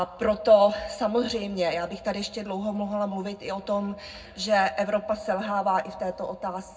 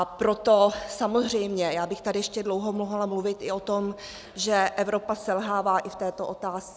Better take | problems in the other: second | room echo; dies away in 0.3 s

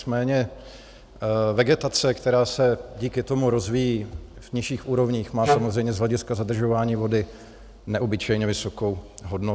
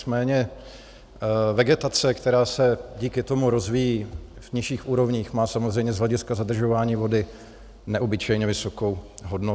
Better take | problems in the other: second | background sound (Wind instrument, woodwind instrument); as loud as the speech

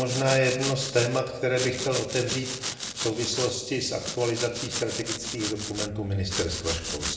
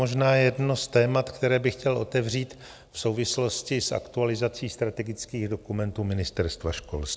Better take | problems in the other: second | background sound (Domestic sounds, home sounds); 6 dB below the speech // room echo; dies away in 0.9 s

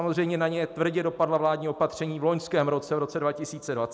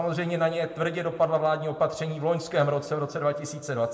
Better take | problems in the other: first | room echo; dies away in 1.4 s

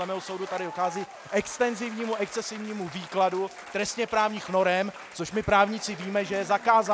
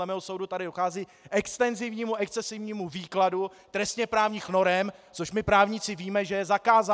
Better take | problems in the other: second | background sound (Applause / Crowd / Cheering); 15 dB below the speech

